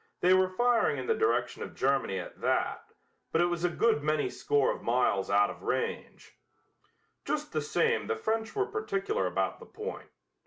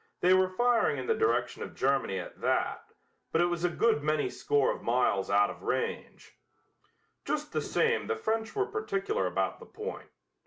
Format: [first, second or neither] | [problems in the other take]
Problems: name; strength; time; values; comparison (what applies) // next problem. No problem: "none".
first | background sound (Walk, footsteps); 16 dB below the speech